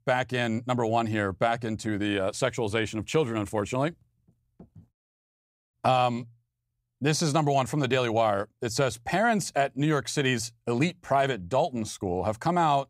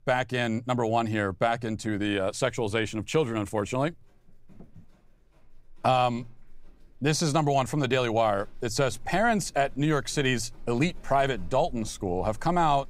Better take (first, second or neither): first